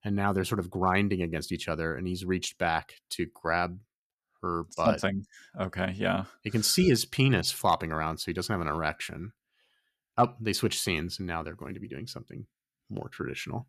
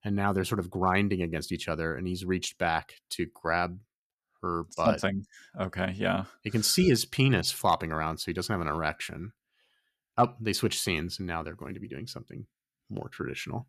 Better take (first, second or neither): neither